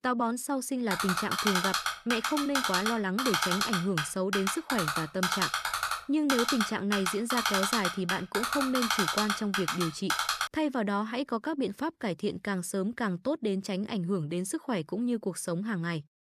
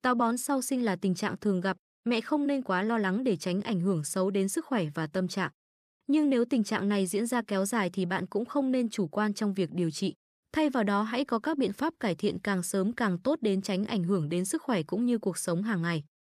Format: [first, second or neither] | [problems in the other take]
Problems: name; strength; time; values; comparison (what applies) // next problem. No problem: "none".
second | keyboard typing; loud; from 1 to 10 s; peak 4 dB above the speech